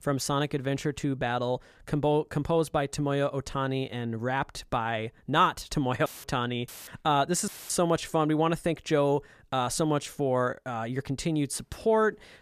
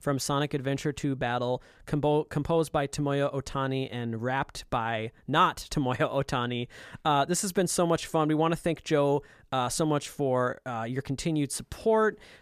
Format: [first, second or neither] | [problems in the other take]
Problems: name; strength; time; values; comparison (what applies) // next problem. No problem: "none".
second | audio cutting out; filled with static; at 6 s, at 6.5 s and at 7.5 s